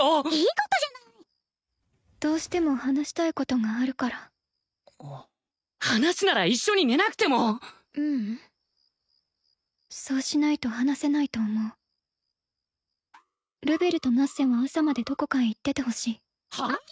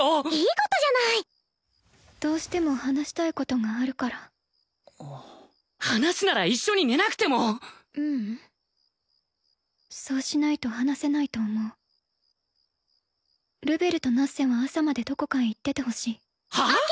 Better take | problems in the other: second | noise reduction (neural mask model RNNoise)

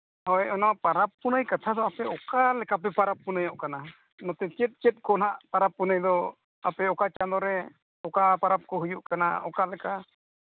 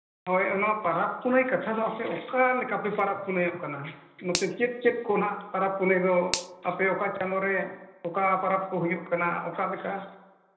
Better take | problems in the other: first | background sound (Finger snapping); 11 dB below the speech // room echo; dies away in 0.8 s

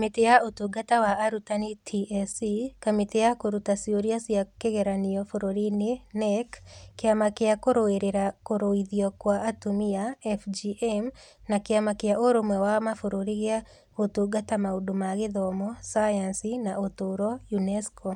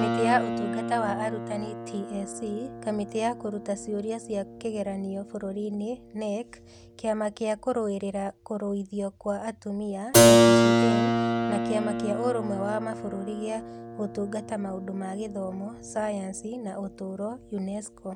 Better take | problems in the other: first | background sound (Keyboard (musical)); 3 dB above the speech

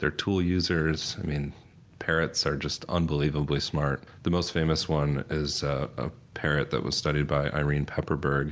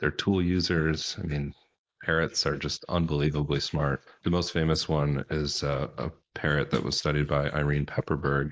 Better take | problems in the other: first | noise reduction (neural mask model Resemble Enhance denoiser)

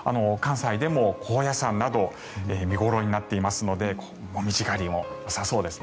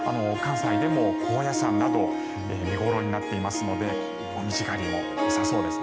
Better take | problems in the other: first | background sound (Harp); 1 dB above the speech

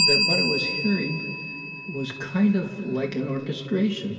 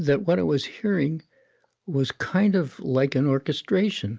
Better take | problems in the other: second | background sound (Bell); 2 dB below the speech // room echo; dies away in 2.7 s

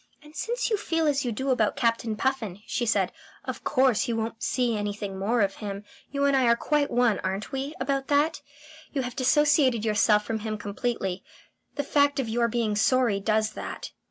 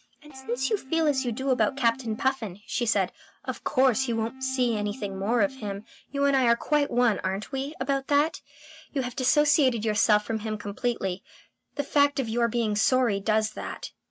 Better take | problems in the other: first | noise reduction (neural mask model RNNoise)

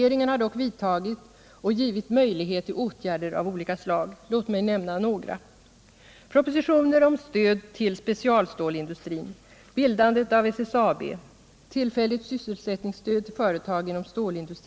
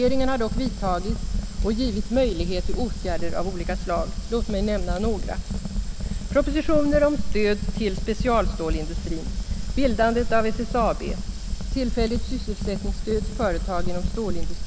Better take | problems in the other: first | background sound (Fire); as loud as the speech

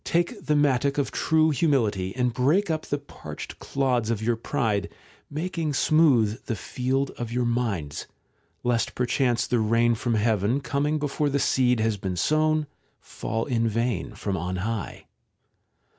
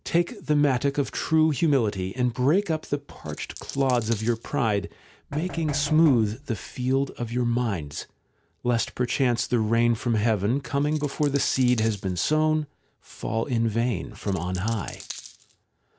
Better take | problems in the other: first | background sound (Knock + Coin (dropping)); 15 dB below the speech

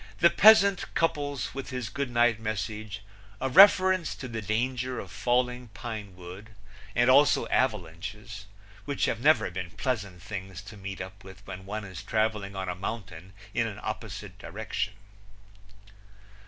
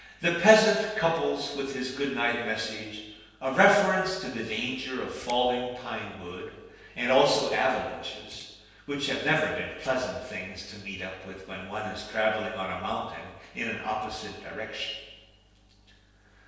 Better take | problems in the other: first | noise reduction (neural separator model SepFormer DNS4)

